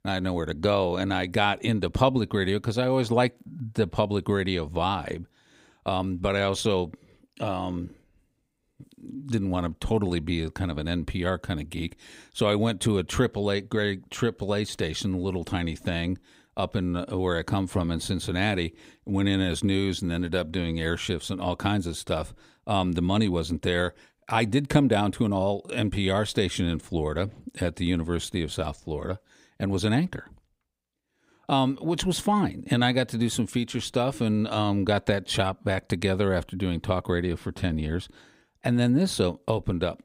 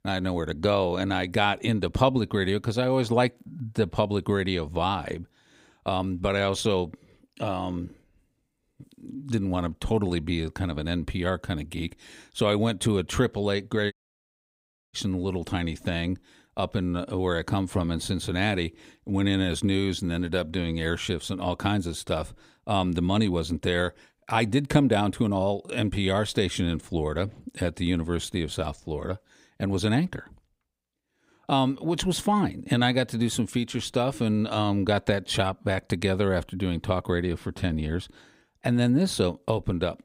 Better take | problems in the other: first | audio cutting out; at 14 s for 1 s

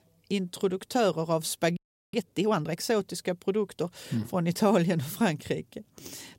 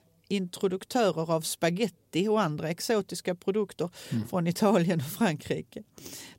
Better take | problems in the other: second | audio freezing; at 2 s

